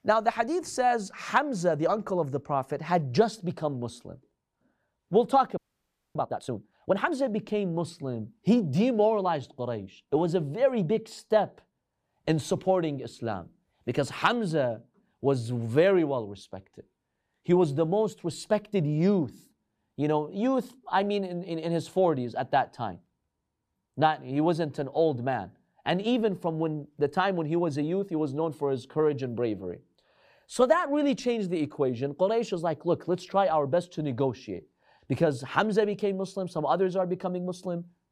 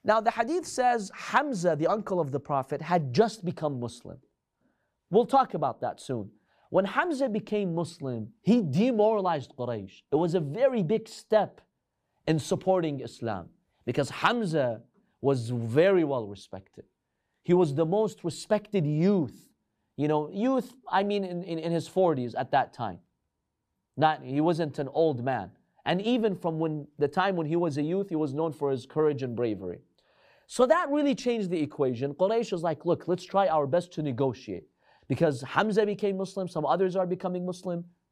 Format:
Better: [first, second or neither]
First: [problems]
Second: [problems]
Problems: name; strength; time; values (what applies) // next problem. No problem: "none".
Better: second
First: audio freezing; at 5.5 s for 0.5 s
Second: none